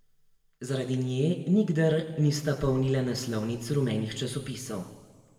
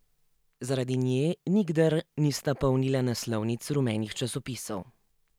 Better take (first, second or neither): second